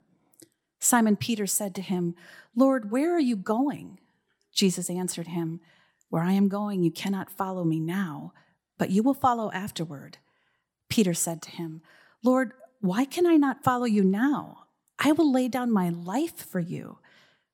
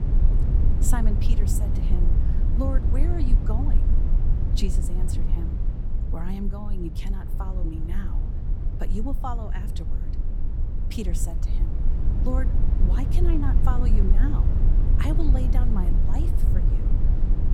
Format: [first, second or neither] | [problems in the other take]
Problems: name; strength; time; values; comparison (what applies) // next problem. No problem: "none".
first | low rumble; loud; throughout; 4 dB below the speech